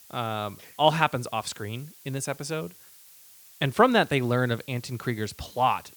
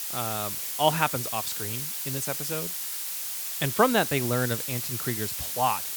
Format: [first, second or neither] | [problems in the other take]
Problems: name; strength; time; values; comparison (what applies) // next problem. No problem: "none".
first | hiss; loud; throughout; 1 dB below the speech; faint in the first